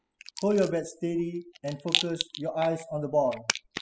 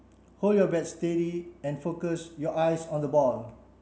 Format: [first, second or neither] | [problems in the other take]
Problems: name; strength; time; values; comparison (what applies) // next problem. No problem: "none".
second | noise reduction (classical method spectral subtraction)